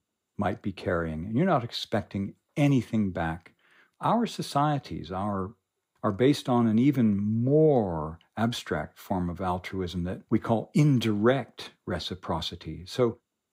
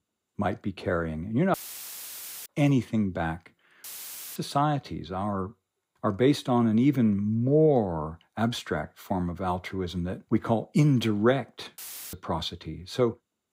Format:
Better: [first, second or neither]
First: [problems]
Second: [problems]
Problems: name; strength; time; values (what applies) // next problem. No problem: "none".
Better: first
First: none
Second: audio cutting out; filled with static; at 1.5 s for 1 s, at 4 s for 0.5 s and at 12 s